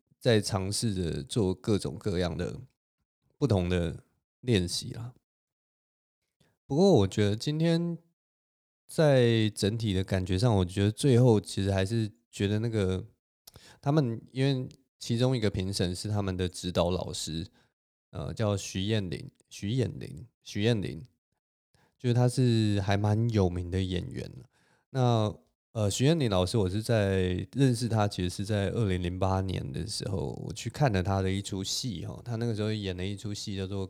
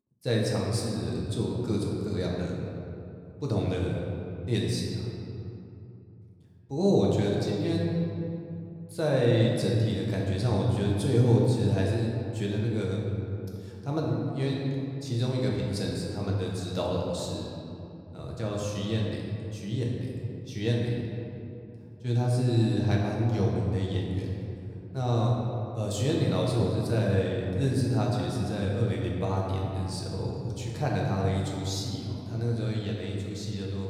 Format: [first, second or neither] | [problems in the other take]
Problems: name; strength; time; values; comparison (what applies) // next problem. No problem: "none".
first | room echo; noticeable; dies away in 2.5 s // off-mic speech; far